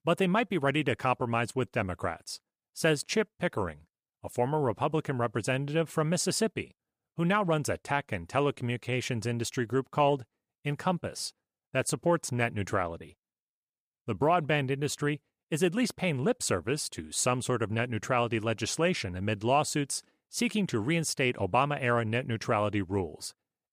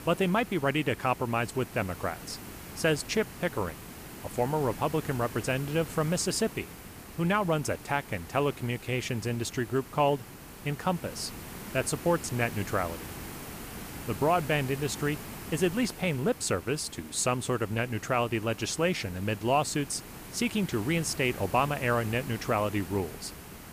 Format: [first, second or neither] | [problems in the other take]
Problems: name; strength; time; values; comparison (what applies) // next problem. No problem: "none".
first | hiss; noticeable; throughout; 15 dB below the speech